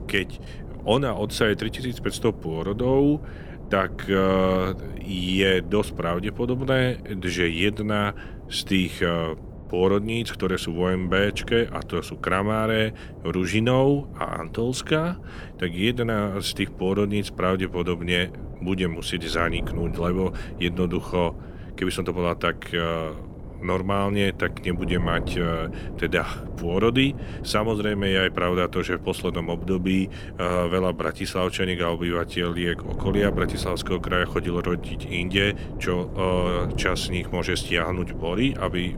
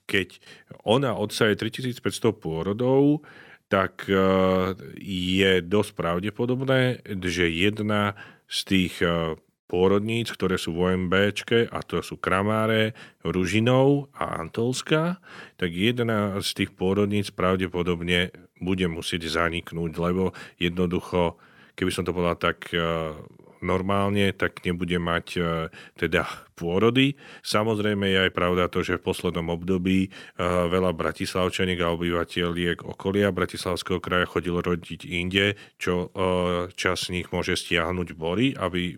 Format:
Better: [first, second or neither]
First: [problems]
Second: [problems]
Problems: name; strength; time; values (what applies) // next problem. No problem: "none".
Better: second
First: wind noise on the microphone; occasional gusts; 15 dB below the speech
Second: none